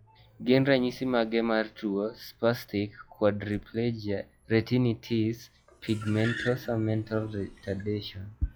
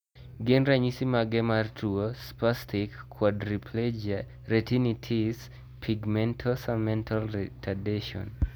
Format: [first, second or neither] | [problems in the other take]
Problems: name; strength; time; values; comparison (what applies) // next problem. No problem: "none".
second | noise reduction (classical method log-MMSE)